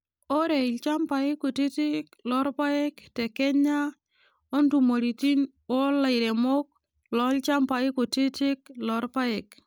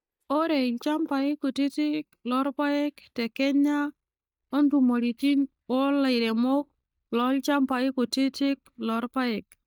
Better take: first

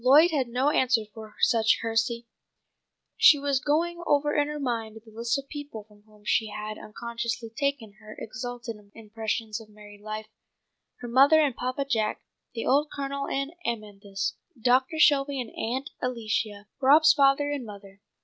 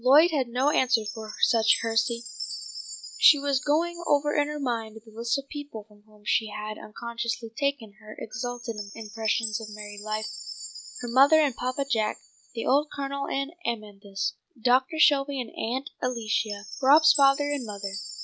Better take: first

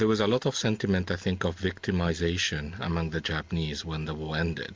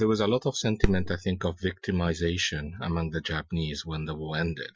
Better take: first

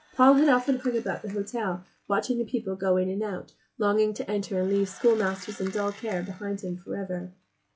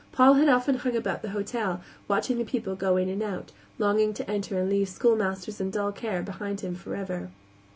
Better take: second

